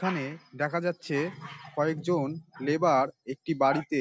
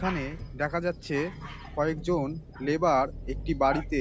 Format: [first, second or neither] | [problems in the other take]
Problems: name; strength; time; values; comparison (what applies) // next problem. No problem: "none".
first | background sound (Engine); 12 dB below the speech